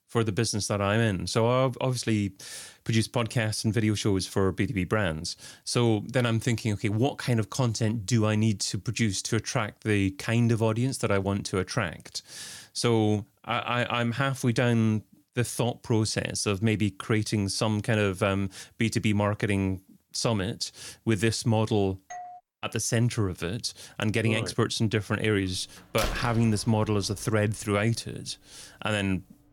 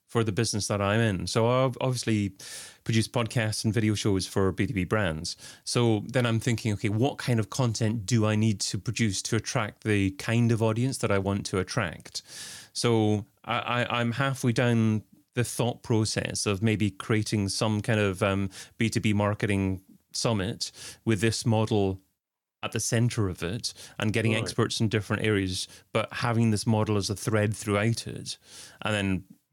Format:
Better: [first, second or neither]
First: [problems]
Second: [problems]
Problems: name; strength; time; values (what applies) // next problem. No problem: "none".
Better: second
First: doorbell; faint; at 22 s; peak 15 dB below the speech // door banging; noticeable; at 26 s; peak 5 dB below the speech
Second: none